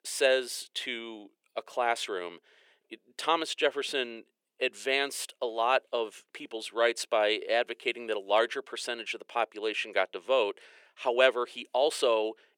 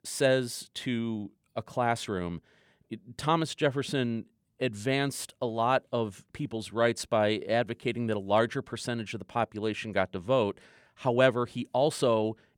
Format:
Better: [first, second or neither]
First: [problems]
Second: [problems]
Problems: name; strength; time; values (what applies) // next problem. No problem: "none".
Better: second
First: thin; very; fading below 400 Hz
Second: none